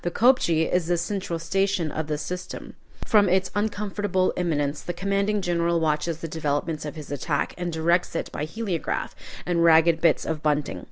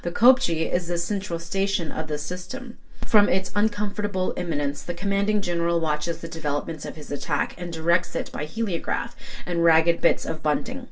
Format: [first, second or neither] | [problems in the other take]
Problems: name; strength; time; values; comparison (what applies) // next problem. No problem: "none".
first | room echo; dies away in 0.2 s